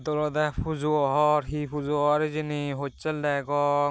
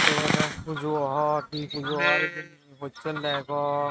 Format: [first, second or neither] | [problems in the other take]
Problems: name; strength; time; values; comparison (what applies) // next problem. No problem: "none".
first | noise reduction (neural mask model RNNoise)